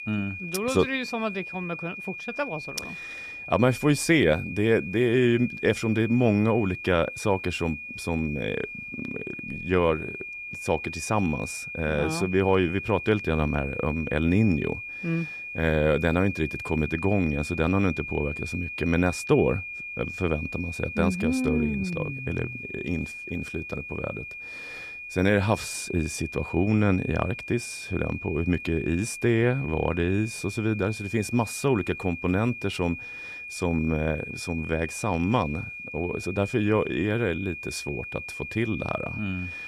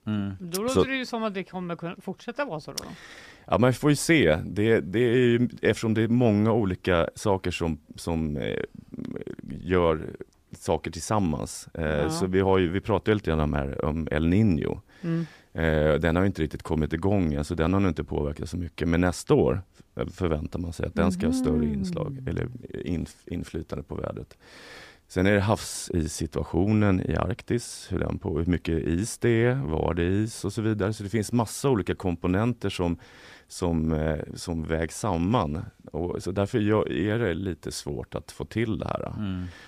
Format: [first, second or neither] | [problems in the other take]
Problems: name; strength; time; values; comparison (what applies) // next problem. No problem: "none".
second | high-pitched whine; loud; throughout; 2.5 kHz, 9 dB below the speech